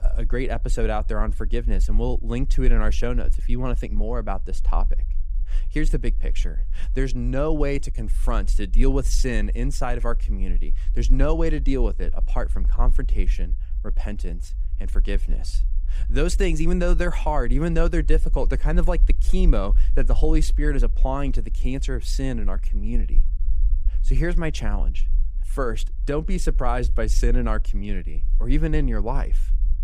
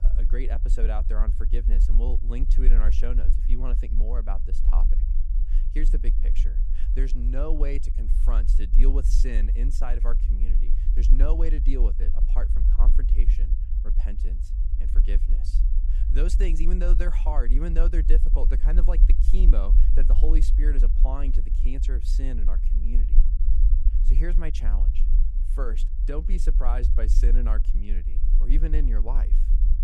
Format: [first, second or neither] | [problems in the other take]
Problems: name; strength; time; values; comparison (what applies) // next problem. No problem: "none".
first | low rumble; loud; throughout; 9 dB below the speech; faint in the first